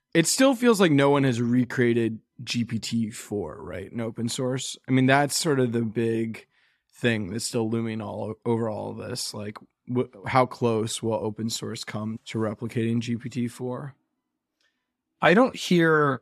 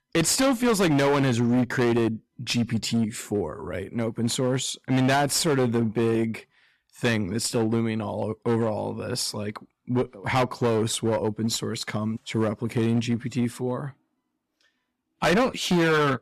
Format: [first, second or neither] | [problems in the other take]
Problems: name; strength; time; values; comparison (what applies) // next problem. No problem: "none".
first | distortion; heavy; 13% of the sound clipped